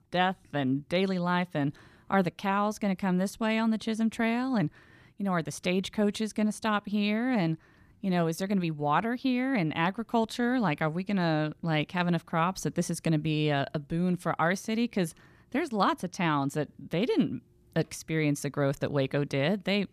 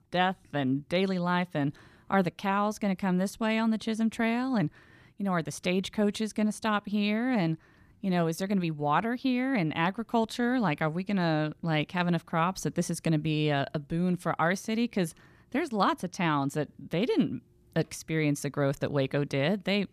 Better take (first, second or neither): neither